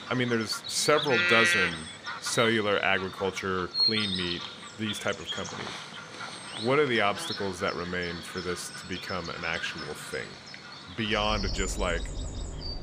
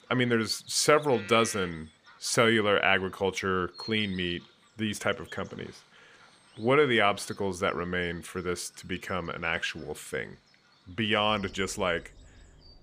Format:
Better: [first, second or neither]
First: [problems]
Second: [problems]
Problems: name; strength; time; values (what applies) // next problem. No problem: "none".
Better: second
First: animal sounds; loud; throughout; 2 dB below the speech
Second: animal sounds; faint; throughout; 20 dB below the speech